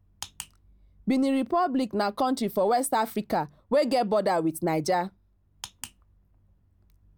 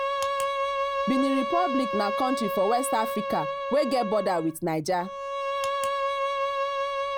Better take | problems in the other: first | background sound (Bowed string instrument); as loud as the speech

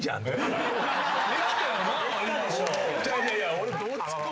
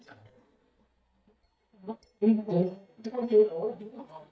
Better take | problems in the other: first | noise reduction (neural mask model DeepFilterNet 3)

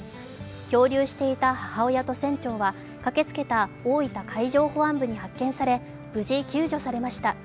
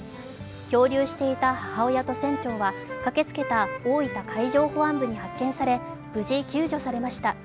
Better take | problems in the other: first | background sound (Wind instrument, woodwind instrument); 11 dB below the speech

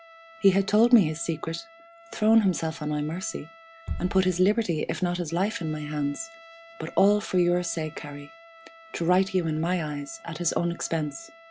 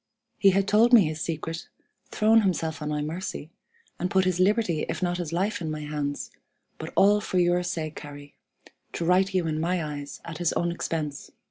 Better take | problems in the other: second | background sound (Bass drum + Trumpet); 19 dB below the speech

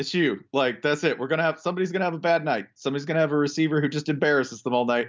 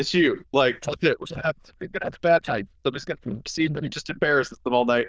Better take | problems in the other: first | noise reduction (neural diffusion model UNIVERSE++)

